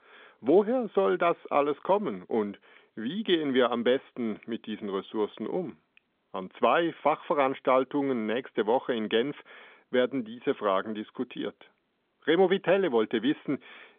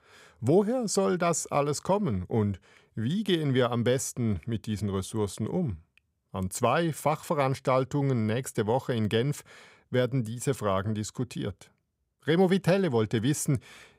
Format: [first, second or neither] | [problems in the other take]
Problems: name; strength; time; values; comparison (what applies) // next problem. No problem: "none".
second | phone-call audio; nothing above 3.5 kHz